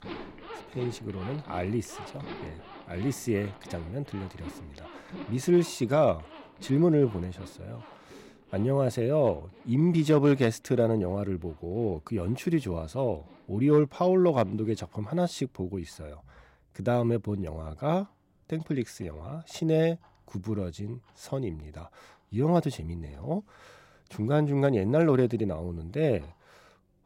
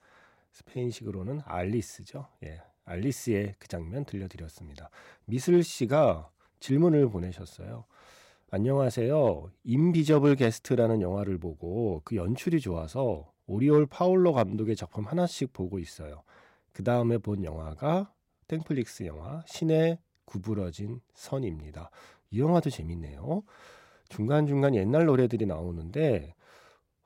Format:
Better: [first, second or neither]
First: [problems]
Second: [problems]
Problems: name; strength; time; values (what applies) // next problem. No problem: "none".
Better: second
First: household noises; noticeable; throughout; 20 dB below the speech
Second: none